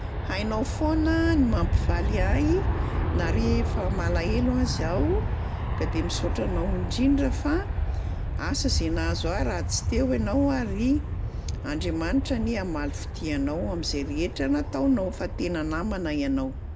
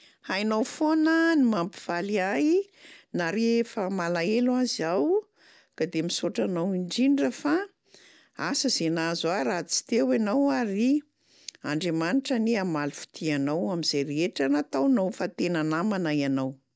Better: second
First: background sound (Aircraft); as loud as the speech // room echo; dies away in 0.8 s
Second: none

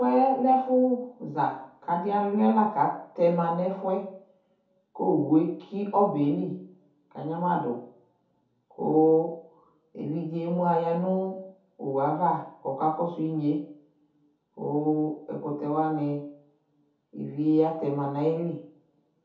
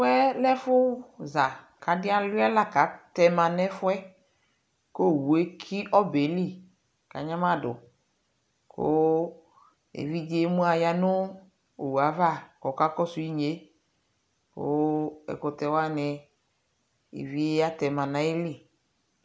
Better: second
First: room echo; dies away in 0.5 s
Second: none

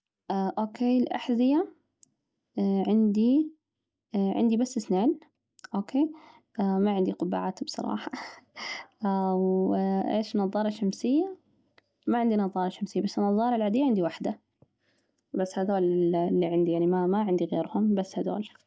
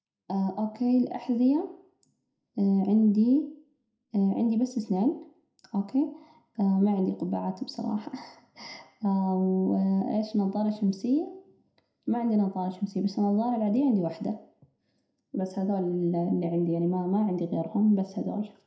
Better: first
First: none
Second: room echo; dies away in 0.5 s

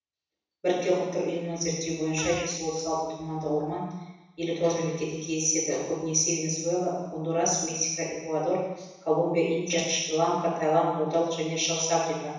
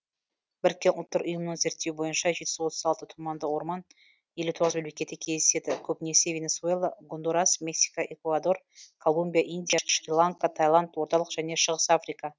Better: second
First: background sound (Fart); 19 dB below the speech // room echo; dies away in 1.1 s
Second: none

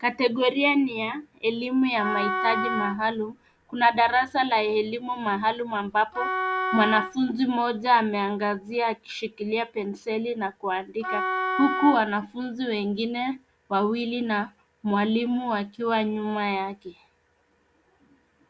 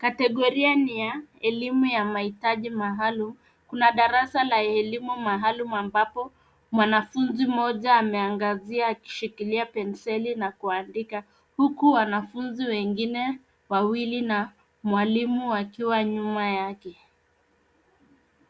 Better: second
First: background sound (Wind instrument, woodwind instrument); 4 dB below the speech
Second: none

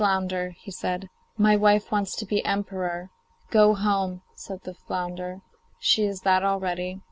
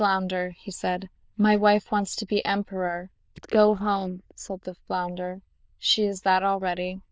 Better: first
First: none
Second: noise reduction (neural diffusion model UNIVERSE++)

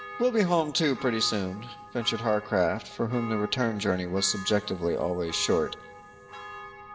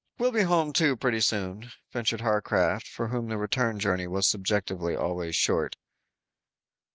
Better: second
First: background sound (Church bell); 14 dB below the speech // room echo; dies away in 1.2 s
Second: none

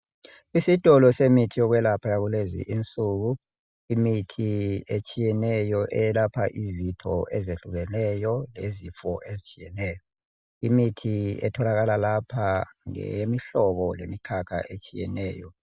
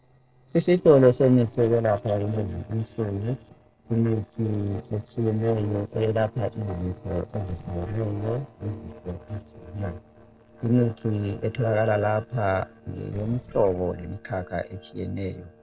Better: first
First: none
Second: noise reduction (neural separator model SepFormer DNS4)

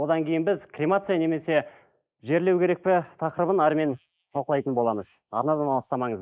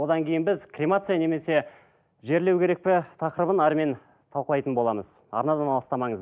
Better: second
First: noise reduction (neural mask model Resemble Enhance denoiser)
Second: none

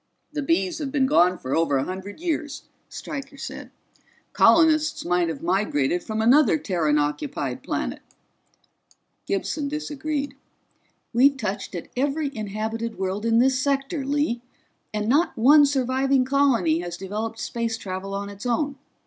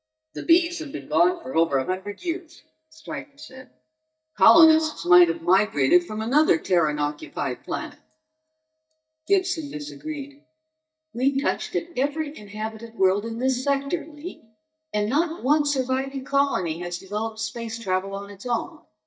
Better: first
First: none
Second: noise reduction (neural mask model DeepFilterNet 3)

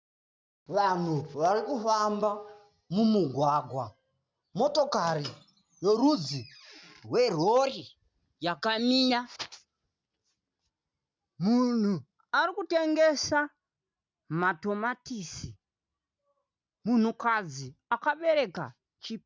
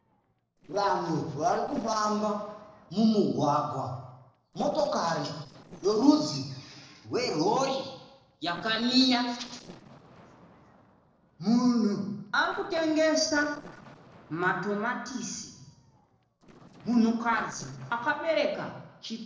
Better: first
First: none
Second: noise reduction (neural separator model SepFormer DNS4)

